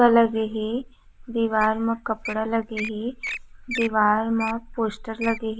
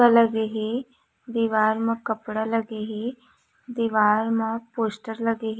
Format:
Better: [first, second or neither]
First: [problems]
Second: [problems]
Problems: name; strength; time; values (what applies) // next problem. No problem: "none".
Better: second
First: background sound (Wild animals); 13 dB below the speech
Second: none